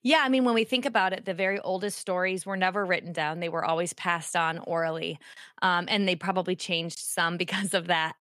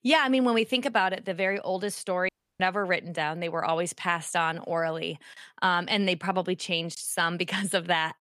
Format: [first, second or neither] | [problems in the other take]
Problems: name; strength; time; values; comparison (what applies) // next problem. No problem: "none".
first | audio cutting out; at 2.5 s